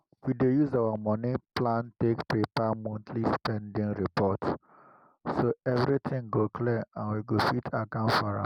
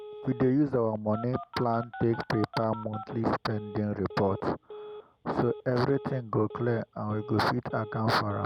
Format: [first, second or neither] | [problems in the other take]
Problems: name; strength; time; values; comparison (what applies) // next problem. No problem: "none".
first | background sound (Telephone); 15 dB below the speech